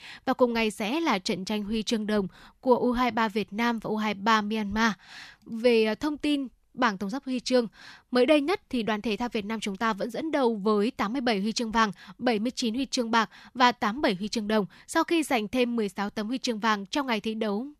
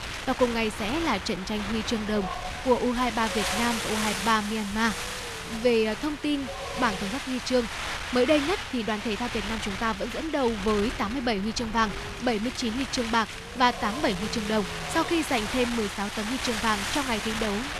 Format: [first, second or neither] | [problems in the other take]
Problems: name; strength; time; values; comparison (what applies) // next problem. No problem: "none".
first | wind noise on the microphone; heavy; 4 dB below the speech